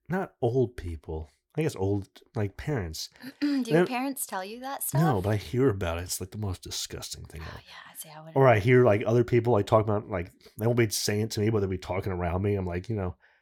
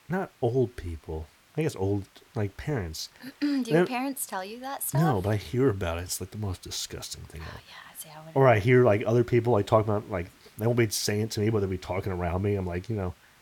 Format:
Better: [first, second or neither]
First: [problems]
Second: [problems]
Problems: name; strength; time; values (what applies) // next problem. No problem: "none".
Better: first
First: none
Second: hiss; faint; throughout; 30 dB below the speech